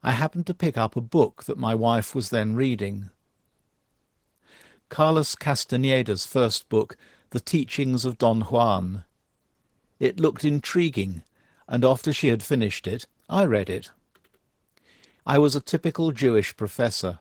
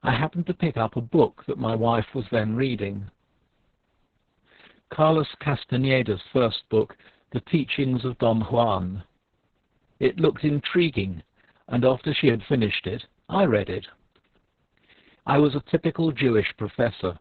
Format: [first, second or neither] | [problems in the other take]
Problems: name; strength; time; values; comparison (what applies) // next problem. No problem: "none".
first | garbled, watery; badly; nothing above 4 kHz; slightly in the first